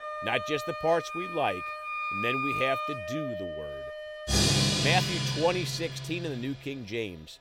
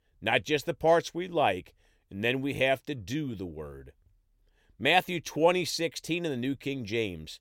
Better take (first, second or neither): second